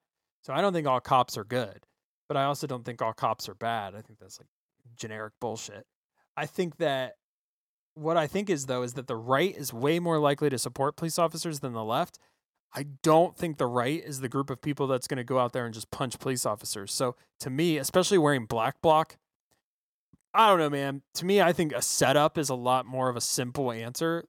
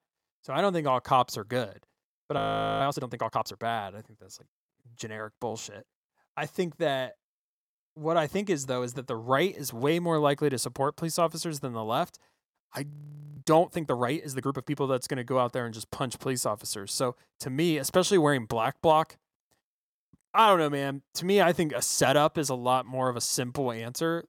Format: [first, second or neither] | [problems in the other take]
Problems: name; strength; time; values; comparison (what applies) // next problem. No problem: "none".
first | audio freezing; at 2.5 s and at 13 s